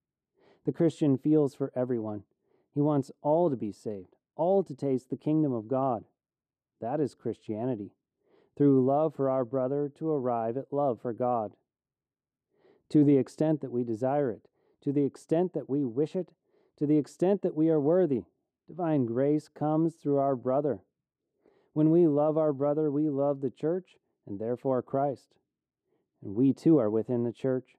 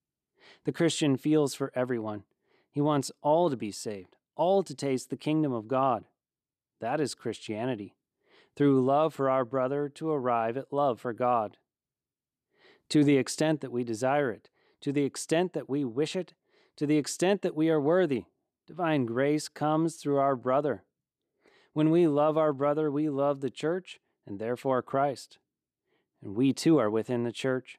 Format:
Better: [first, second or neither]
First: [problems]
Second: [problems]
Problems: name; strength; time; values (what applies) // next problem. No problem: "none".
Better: second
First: muffled; very; fading above 1 kHz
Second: none